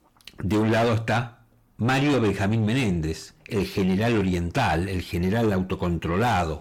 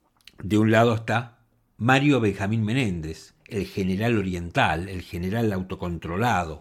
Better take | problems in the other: second | distortion; heavy; 6 dB below the speech

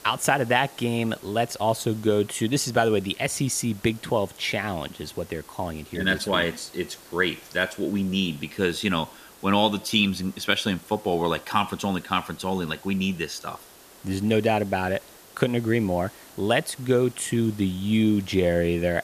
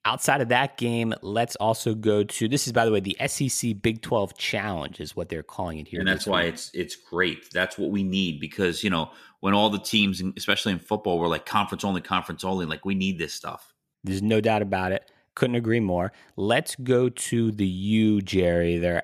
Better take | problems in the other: second | hiss; faint; throughout; 20 dB below the speech

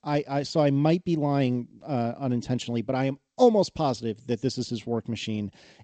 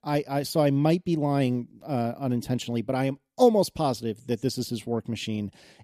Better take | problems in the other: second | garbled, watery; slightly; nothing above 7.5 kHz

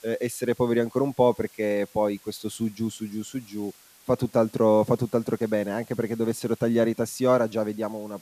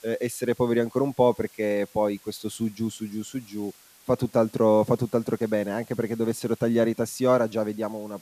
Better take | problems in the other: neither | hiss; faint; throughout; 25 dB below the speech; the same in both

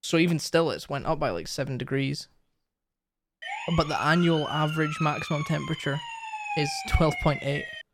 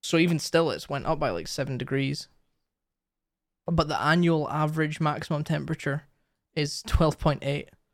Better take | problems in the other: second | siren; noticeable; from 3.5 s on; peak 5 dB below the speech

